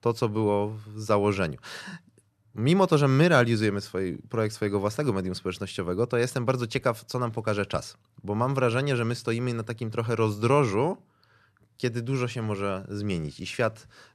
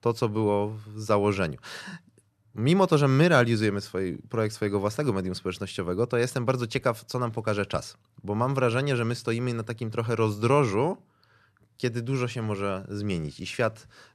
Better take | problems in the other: neither | none

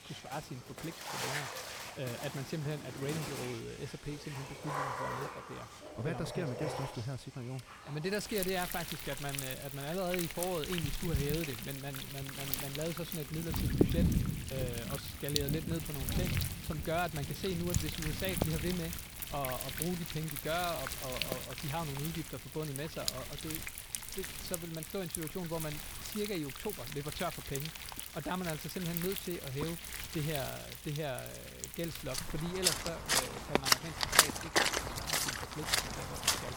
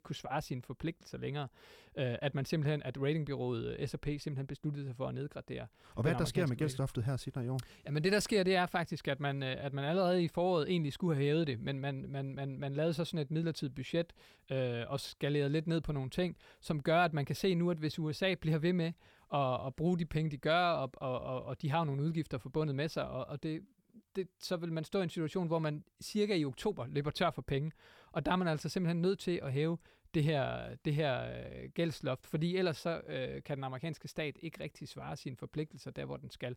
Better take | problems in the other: second | rain or running water; very loud; throughout; 4 dB above the speech

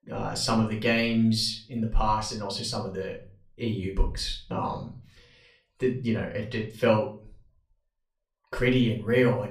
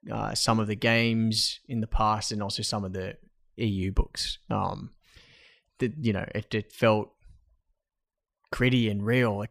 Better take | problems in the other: second | off-mic speech; far // room echo; slight; dies away in 0.3 s

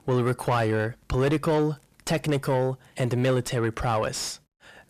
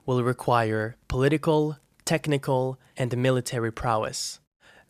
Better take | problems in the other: second | distortion; slight; 10 dB below the speech

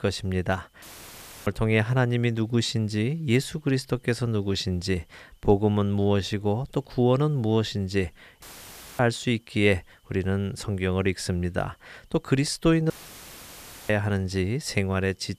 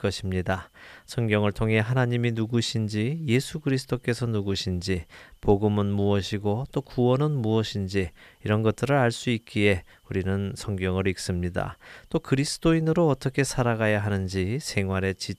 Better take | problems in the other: second | audio cutting out; filled with static; at 1 s for 0.5 s, at 8.5 s for 0.5 s and at 13 s for 1 s

